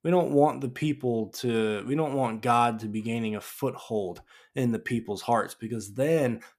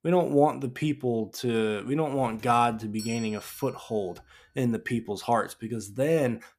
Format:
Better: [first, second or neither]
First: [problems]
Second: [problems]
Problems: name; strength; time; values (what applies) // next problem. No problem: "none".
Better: first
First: none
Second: doorbell; faint; from 2 to 3.5 s; peak 10 dB below the speech